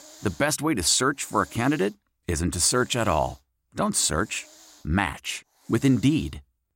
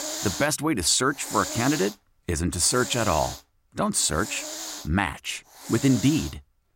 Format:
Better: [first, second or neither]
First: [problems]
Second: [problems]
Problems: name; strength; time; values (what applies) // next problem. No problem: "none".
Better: first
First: hiss; faint; throughout; 25 dB below the speech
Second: hiss; loud; throughout; 9 dB below the speech